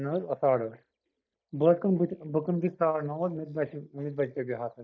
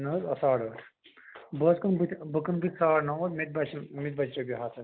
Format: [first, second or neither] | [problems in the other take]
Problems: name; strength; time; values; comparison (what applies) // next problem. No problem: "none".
second | noise reduction (neural mask model DeepFilterNet 3)